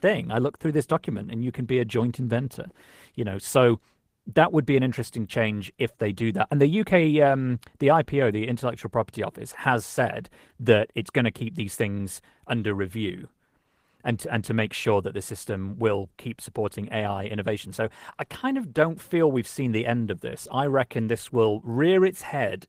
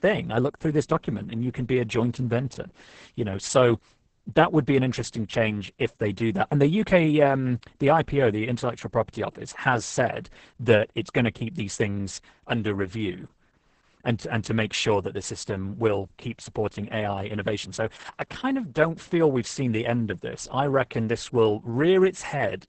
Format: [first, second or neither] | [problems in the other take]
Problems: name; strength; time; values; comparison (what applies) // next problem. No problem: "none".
first | garbled, watery; badly; nothing above 8 kHz; slightly in the first